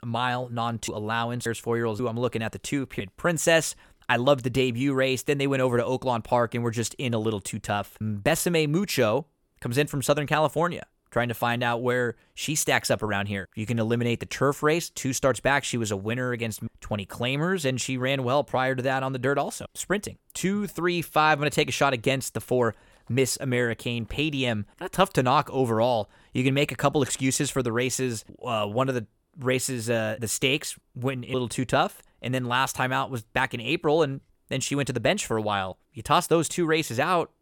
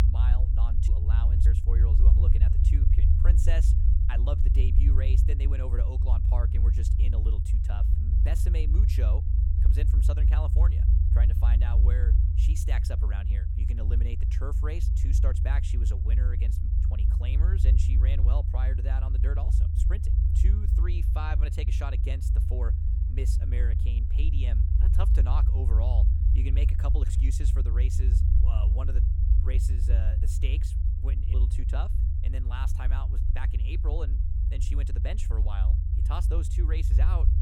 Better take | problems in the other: first | low rumble; loud; throughout; 1 dB below the speech

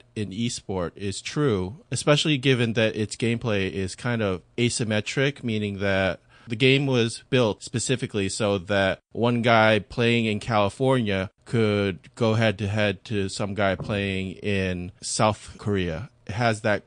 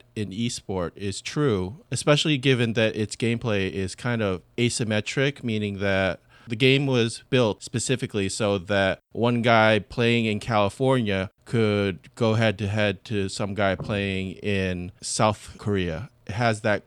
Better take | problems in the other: second | garbled, watery; slightly; nothing above 9.5 kHz

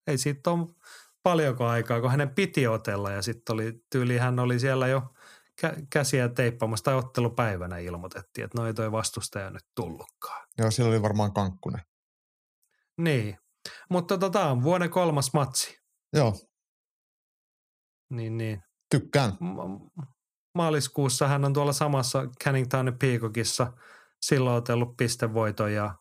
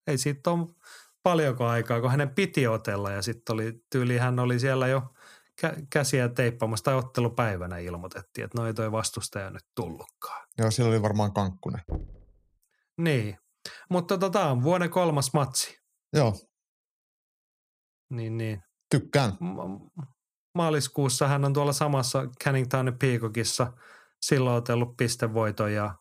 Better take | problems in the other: first | door banging; faint; at 12 s; peak 10 dB below the speech

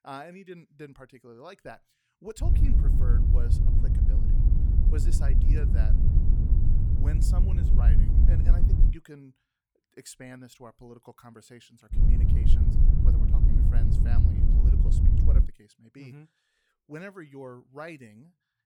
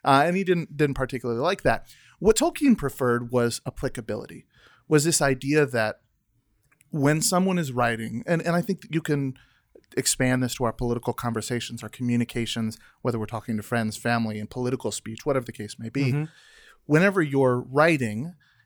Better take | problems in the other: second | wind noise on the microphone; heavy; from 2.5 to 9 s and from 12 to 15 s; 4 dB above the speech

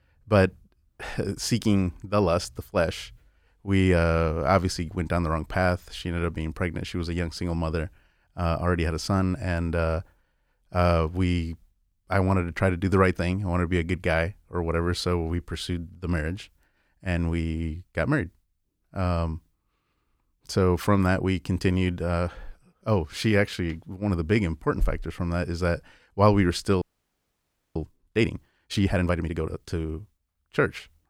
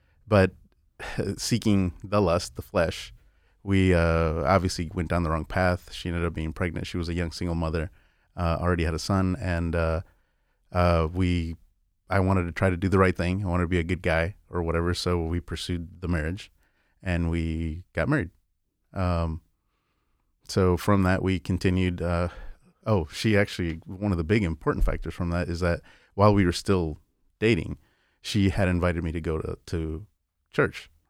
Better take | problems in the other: second | audio freezing; at 27 s for 1 s

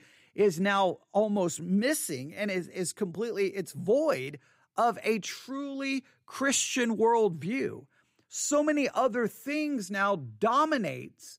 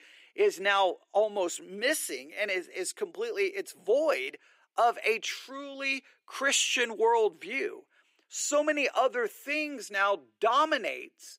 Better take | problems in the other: first | thin; somewhat; fading below 350 Hz

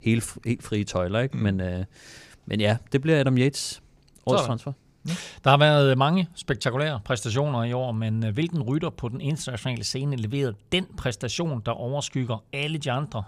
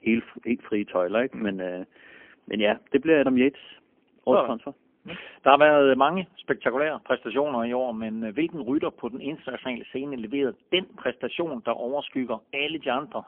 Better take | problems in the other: first | phone-call audio; poor line; nothing above 3.5 kHz

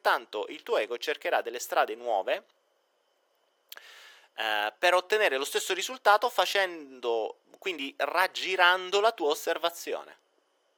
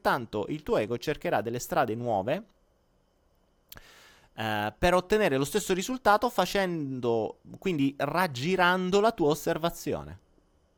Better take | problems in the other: second | thin; very; fading below 400 Hz

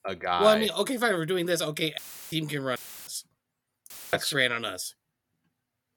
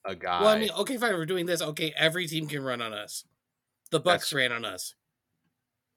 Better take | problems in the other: second | audio cutting out; filled with static; at 2 s, at 3 s and at 4 s

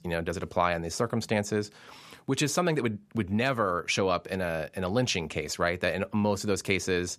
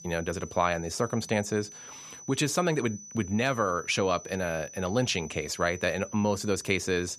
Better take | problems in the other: first | high-pitched whine; noticeable; throughout; 6 kHz, 15 dB below the speech

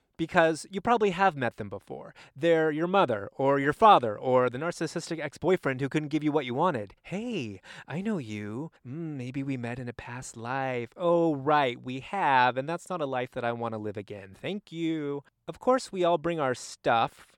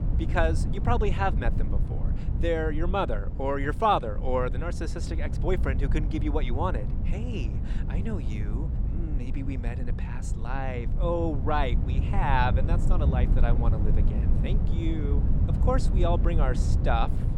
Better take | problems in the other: first | low rumble; noticeable; throughout; 10 dB below the speech

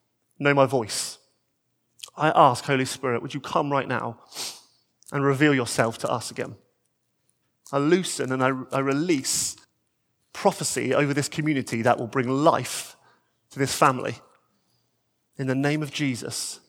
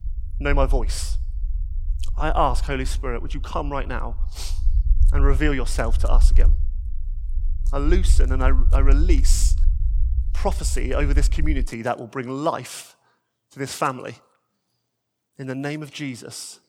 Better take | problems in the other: first | low rumble; noticeable; until 12 s; 20 dB below the speech

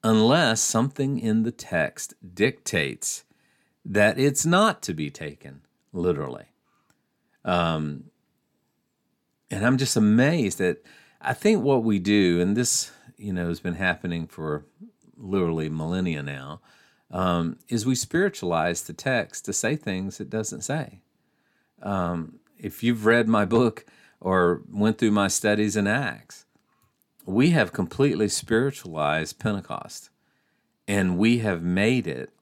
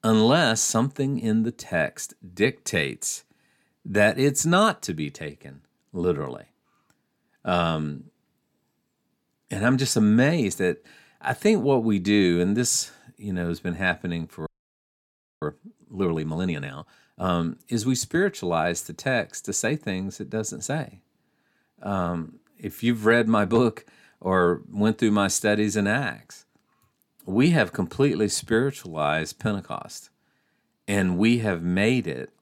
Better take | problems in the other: first | audio freezing; at 14 s for 1 s

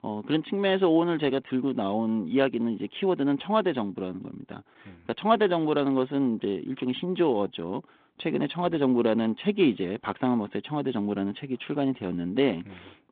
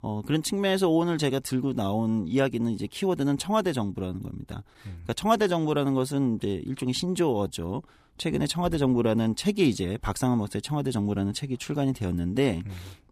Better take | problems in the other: second | phone-call audio; nothing above 3.5 kHz

